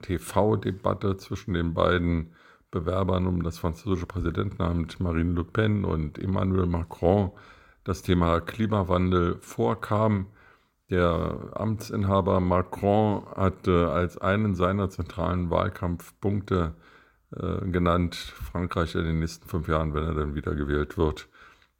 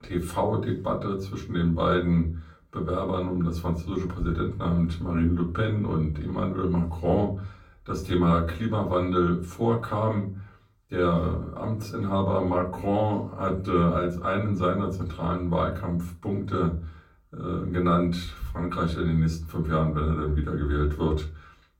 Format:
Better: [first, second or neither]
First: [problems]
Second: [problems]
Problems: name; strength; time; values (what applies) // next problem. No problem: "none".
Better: first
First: none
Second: off-mic speech; far // room echo; very slight; dies away in 0.4 s